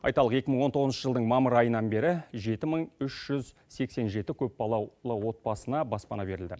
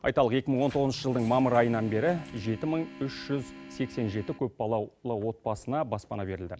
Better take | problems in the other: first | background sound (Organ + Sliding door); 16 dB below the speech

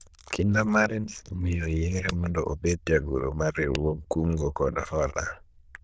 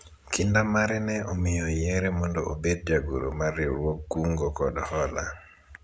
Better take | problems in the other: second | noise reduction (neural diffusion model UNIVERSE++)

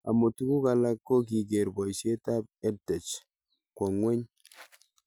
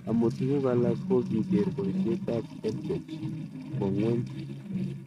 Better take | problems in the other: first | noise reduction (neural mask model RNNoise)

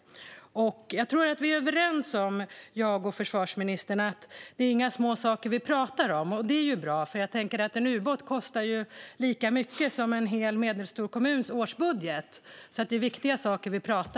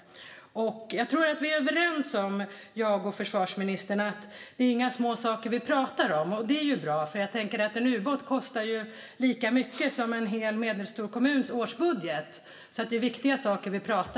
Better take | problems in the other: first | room echo; dies away in 0.9 s

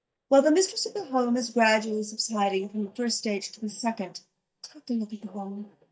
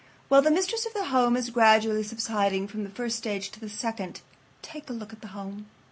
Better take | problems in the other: second | noise reduction (neural mask model DeepFilterNet 3)

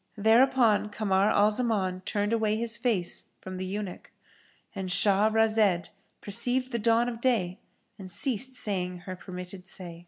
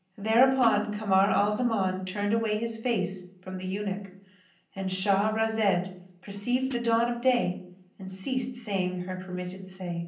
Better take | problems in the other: first | background sound (Hi-hat); 15 dB below the speech // room echo; dies away in 0.6 s

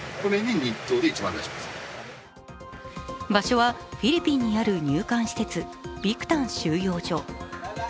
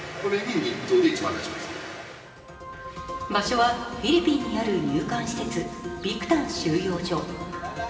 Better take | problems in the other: first | room echo; dies away in 2.4 s

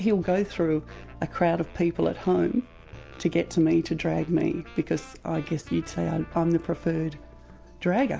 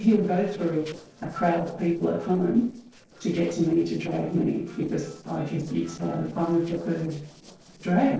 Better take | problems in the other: first | noise reduction (neural separator model SepFormer DNS4)

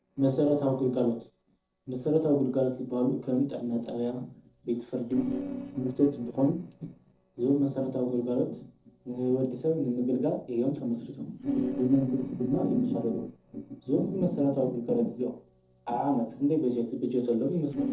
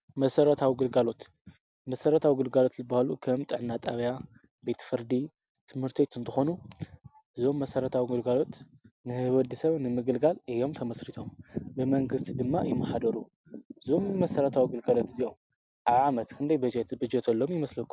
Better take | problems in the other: second | noise reduction (neural separator model SepFormer DNS4)

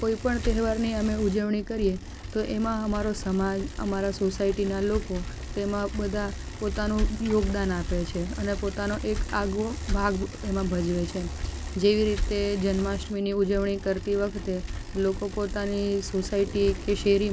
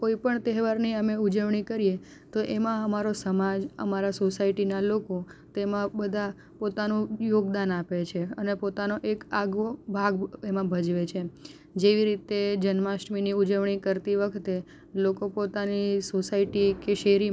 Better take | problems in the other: second | background sound (Bicycle); 6 dB below the speech

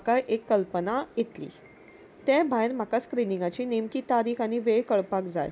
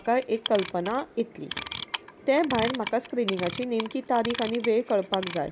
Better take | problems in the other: first | background sound (Clock); 10 dB below the speech

